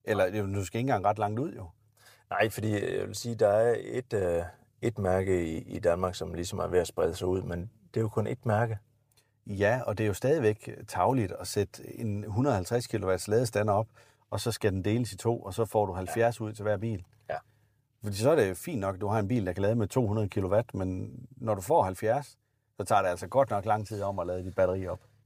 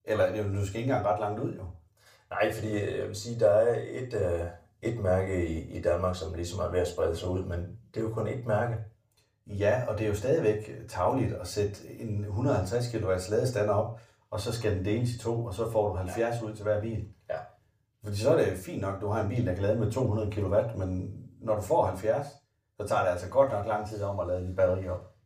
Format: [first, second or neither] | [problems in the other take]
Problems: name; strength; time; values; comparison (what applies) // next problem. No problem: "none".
first | room echo; slight; dies away in 0.3 s // off-mic speech; somewhat distant